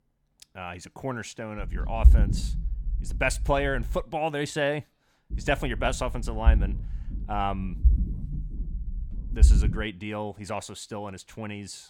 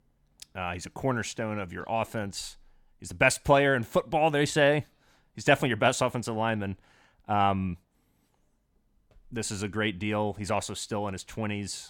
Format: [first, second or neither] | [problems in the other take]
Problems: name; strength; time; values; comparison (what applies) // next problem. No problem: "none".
second | low rumble; noticeable; from 1.5 to 4 s and from 5.5 to 10 s; 15 dB below the speech